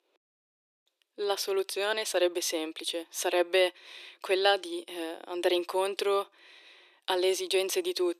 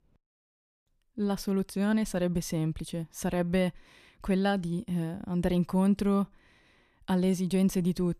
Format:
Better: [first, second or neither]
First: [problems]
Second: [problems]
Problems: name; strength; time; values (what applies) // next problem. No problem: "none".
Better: second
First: thin; very; fading below 350 Hz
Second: none